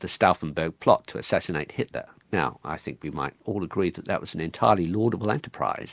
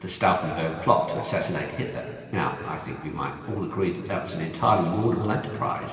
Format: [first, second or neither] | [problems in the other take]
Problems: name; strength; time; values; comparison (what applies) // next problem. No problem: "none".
first | room echo; dies away in 2.6 s